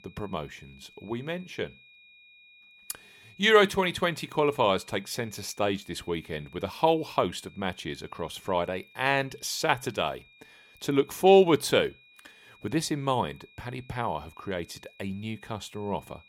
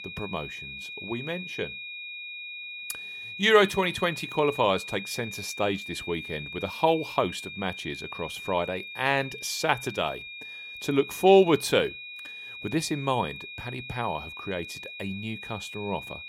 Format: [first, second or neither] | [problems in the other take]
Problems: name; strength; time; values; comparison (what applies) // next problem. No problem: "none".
first | high-pitched whine; loud; throughout; 2.5 kHz, 10 dB below the speech; faint in the first